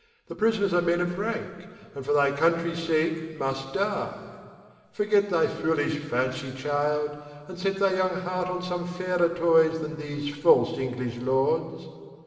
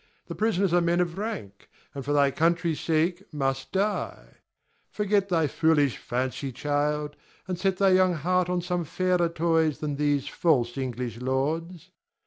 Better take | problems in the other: second | room echo; dies away in 2 s

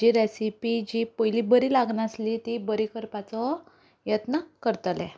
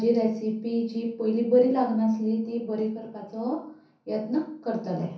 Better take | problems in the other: first | room echo; dies away in 0.6 s

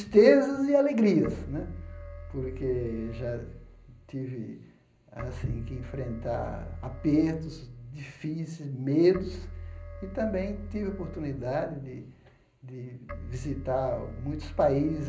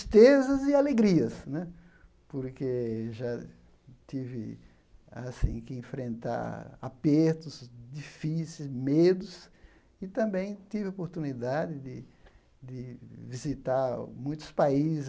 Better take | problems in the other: second | background sound (Keyboard (musical)); 13 dB below the speech // room echo; dies away in 0.5 s

